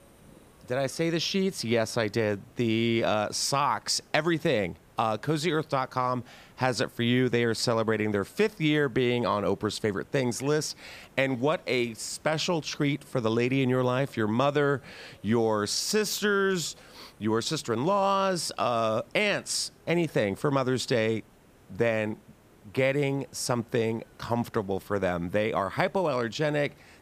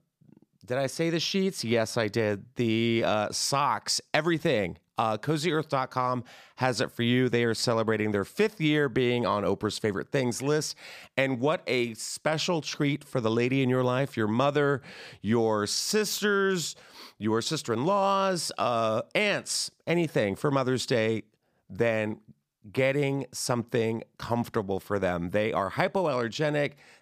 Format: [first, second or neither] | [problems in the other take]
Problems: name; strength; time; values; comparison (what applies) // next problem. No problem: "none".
second | hiss; faint; throughout; 30 dB below the speech